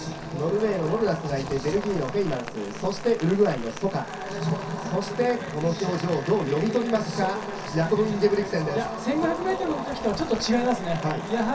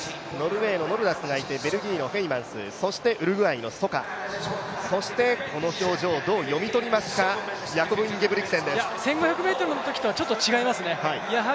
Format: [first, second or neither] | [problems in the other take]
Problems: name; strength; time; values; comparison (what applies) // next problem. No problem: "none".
second | background sound (Rain); 15 dB below the speech // room echo; dies away in 0.3 s